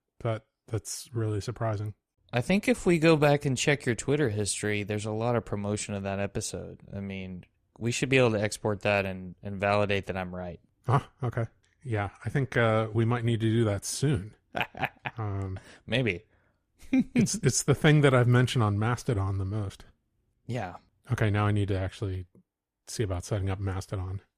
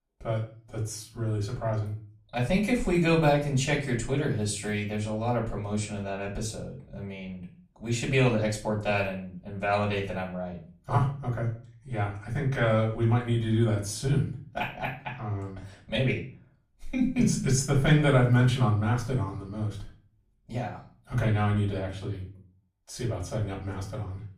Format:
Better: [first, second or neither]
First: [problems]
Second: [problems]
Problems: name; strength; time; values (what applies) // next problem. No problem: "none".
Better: first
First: none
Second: room echo; slight; dies away in 0.3 s // off-mic speech; far